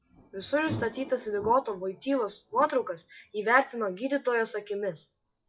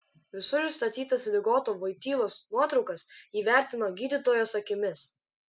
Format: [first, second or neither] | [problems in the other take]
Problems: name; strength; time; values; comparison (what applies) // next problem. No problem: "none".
second | noise reduction (classical method WPE with log-MMSE)